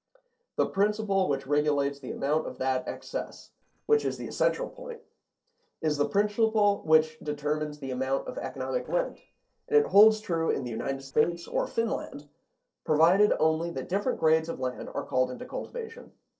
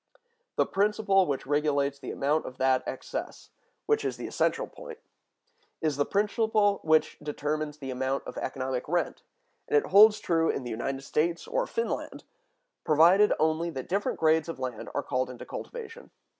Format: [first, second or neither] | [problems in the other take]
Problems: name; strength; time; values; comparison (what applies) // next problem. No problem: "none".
second | noise reduction (neural separator model SepFormer DNS4)